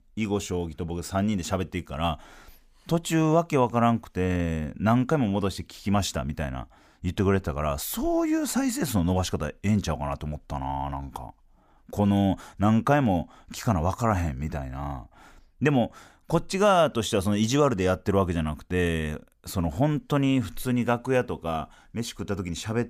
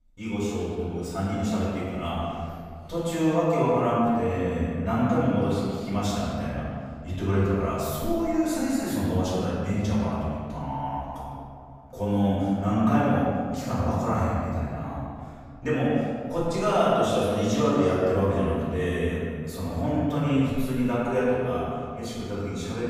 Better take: first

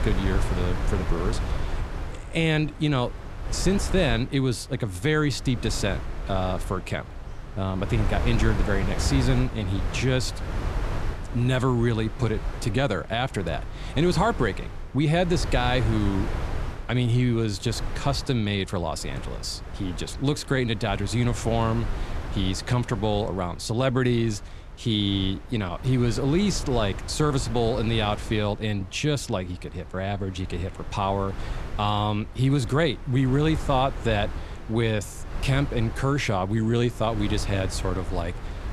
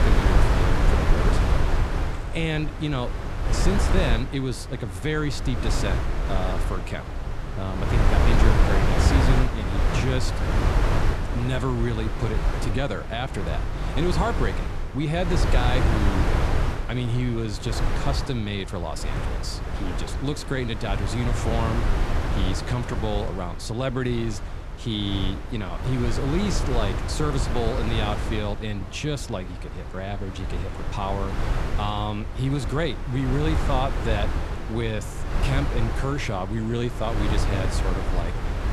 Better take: first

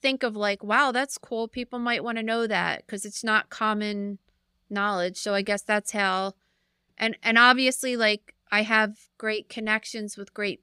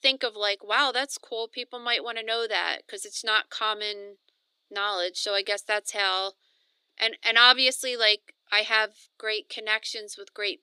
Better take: first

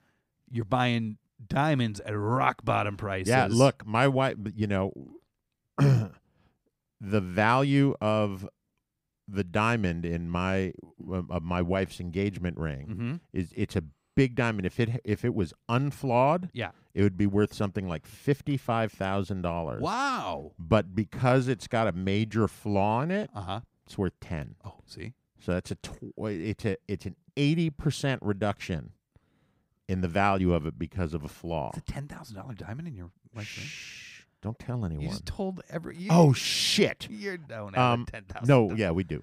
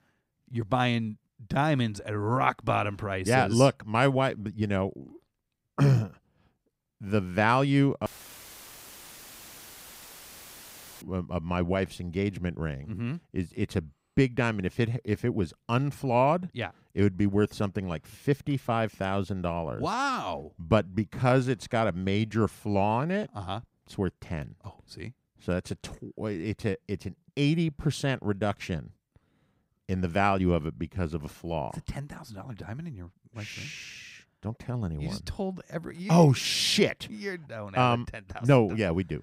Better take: first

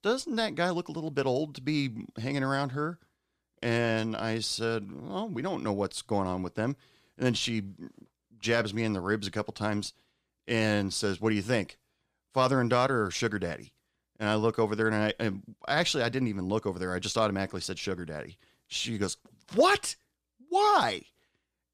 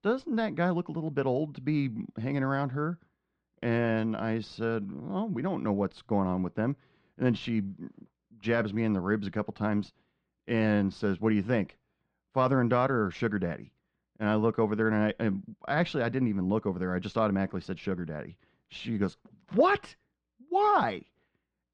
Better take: first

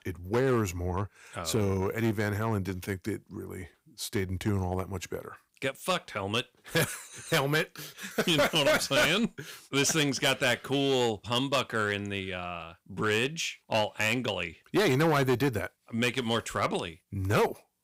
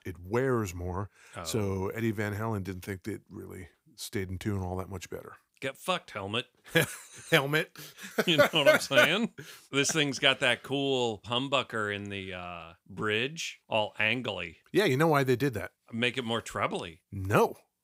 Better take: second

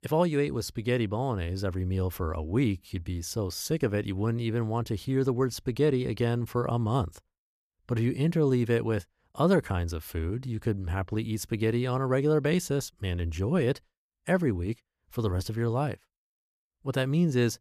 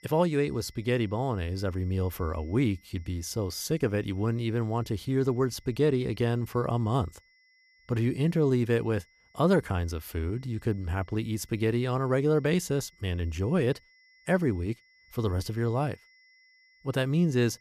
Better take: first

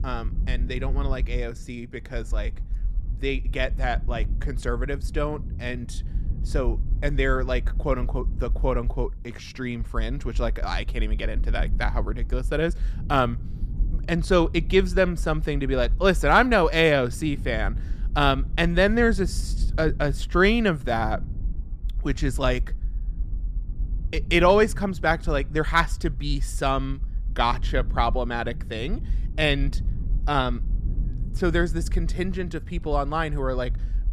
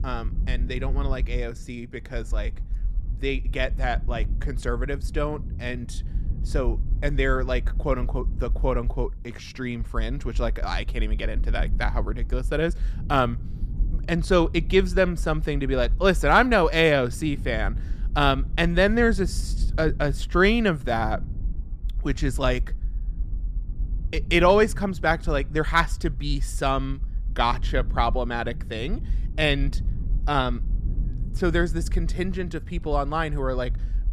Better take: neither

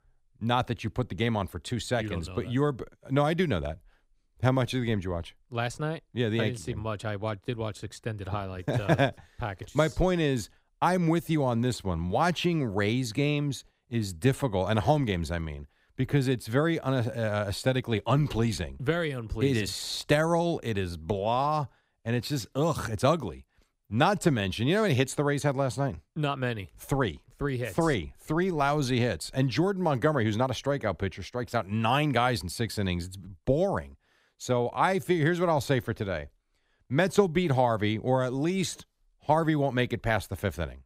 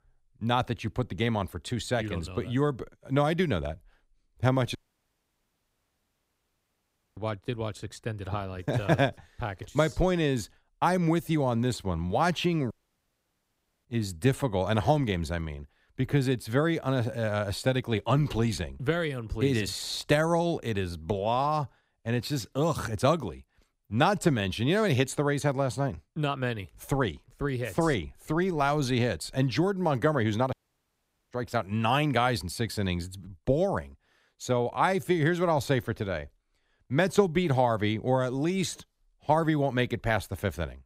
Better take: first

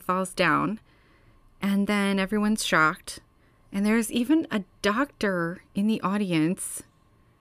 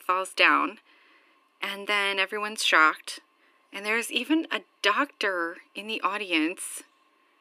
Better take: first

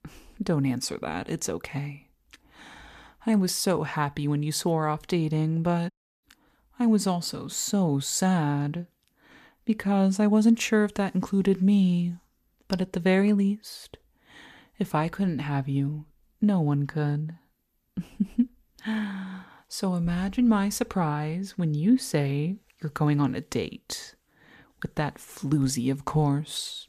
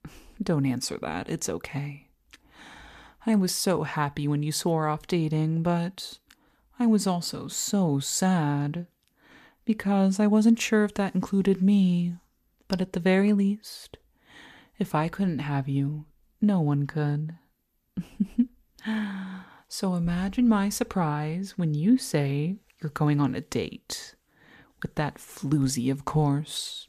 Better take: second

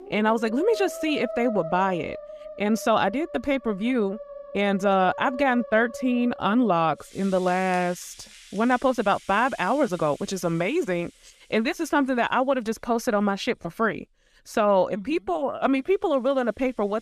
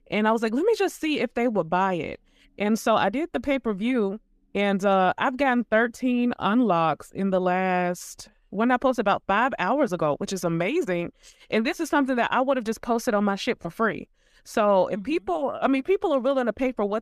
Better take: second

